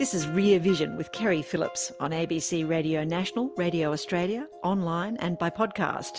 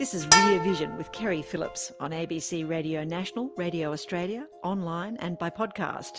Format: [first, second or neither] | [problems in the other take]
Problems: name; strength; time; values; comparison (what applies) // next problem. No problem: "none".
first | background sound (Bowed string instrument); 5 dB above the speech